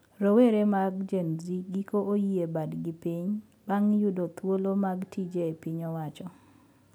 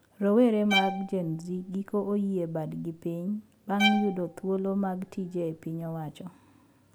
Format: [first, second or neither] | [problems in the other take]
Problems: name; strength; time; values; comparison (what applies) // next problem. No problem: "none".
first | background sound (Bowed string instrument); 6 dB below the speech